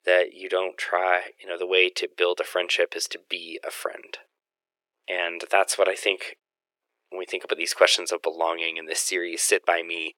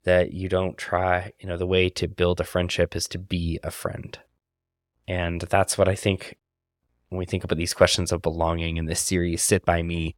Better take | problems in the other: second | thin; very; fading below 350 Hz

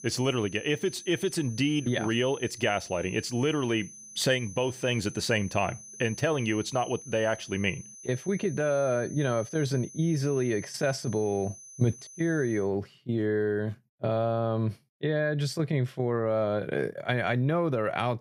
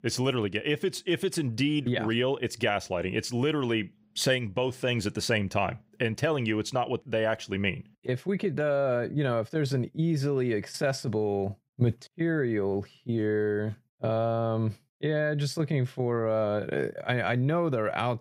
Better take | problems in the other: second | high-pitched whine; noticeable; until 13 s; 6 kHz, 15 dB below the speech

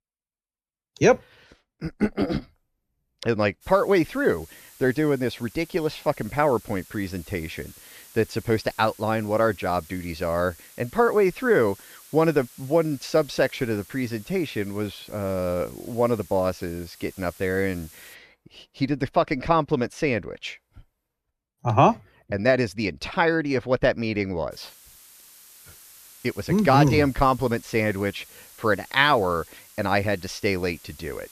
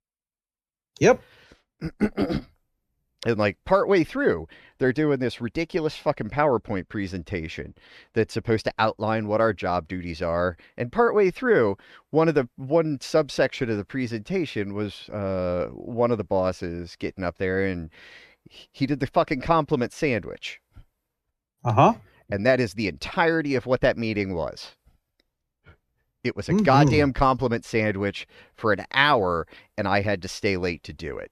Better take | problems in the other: second | hiss; faint; from 3.5 to 18 s and from 25 s on; 20 dB below the speech

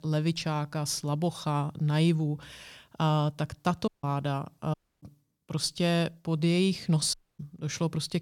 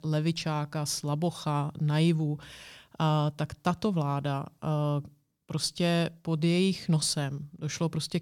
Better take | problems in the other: second | audio cutting out; at 4 s, at 4.5 s and at 7 s

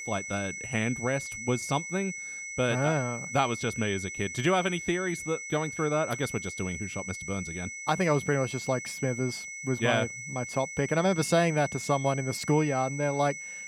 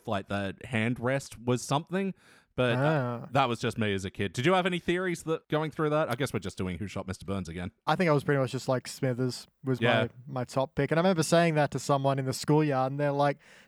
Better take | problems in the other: second | high-pitched whine; loud; throughout; 2 kHz, 7 dB below the speech

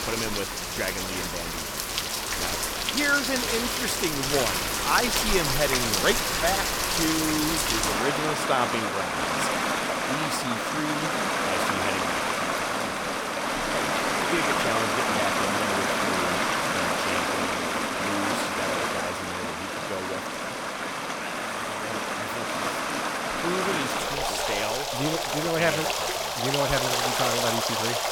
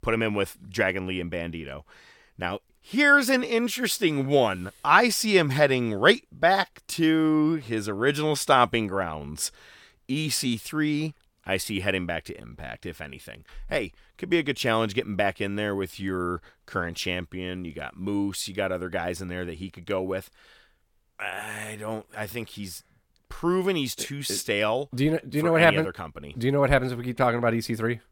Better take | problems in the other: second | rain or running water; very loud; throughout; 5 dB above the speech

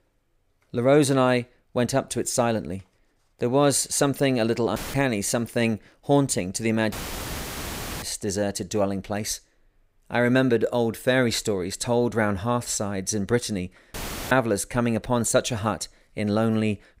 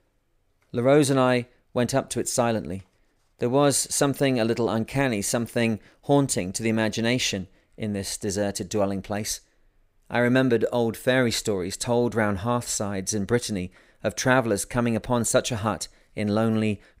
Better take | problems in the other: second | audio cutting out; filled with static; at 5 s, at 7 s for 1 s and at 14 s

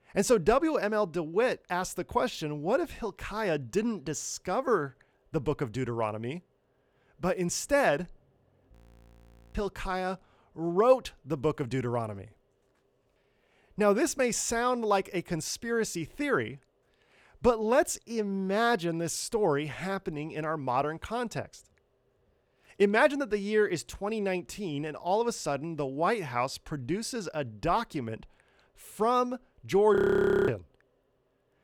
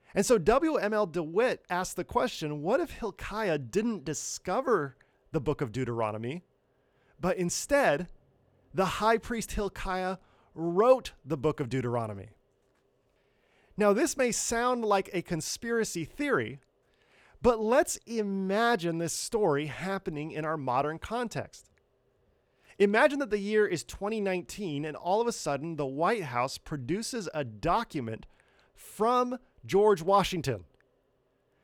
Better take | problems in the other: second | audio freezing; at 8.5 s for 1 s and at 30 s for 0.5 s

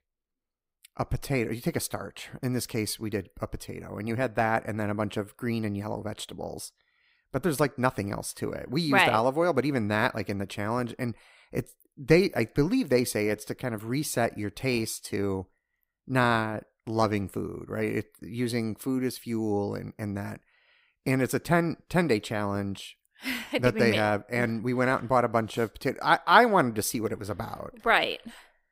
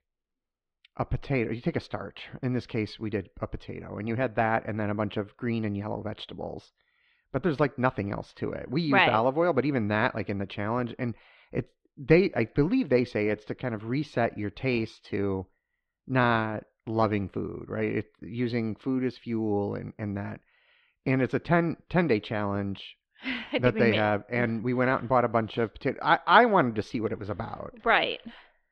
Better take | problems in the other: first | muffled; slightly; fading above 3.5 kHz

